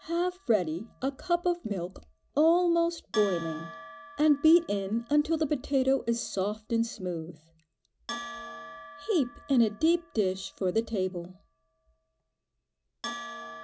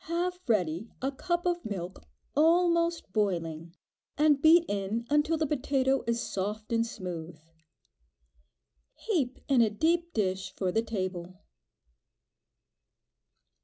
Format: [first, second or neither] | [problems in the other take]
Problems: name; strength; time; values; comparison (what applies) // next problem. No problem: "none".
second | background sound (Bell); 17 dB below the speech